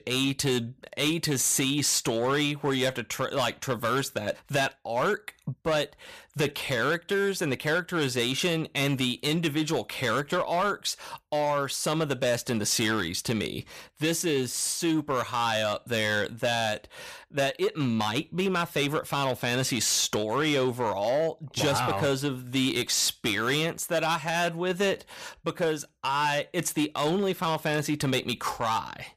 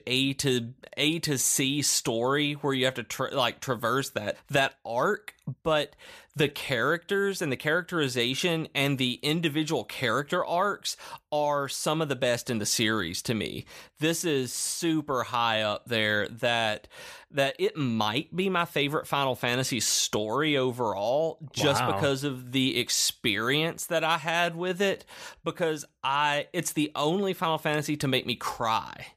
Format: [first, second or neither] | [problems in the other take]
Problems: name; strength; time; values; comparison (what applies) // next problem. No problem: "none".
second | distortion; slight; 8% of the sound clipped